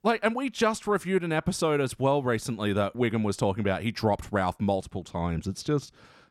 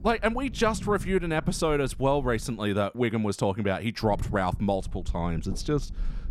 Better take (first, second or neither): first